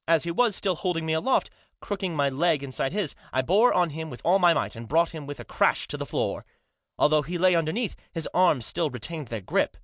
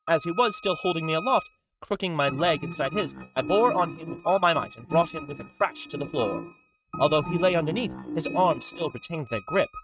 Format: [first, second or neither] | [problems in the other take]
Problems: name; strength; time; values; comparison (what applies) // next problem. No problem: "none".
first | noise reduction (neural mask model RNNoise)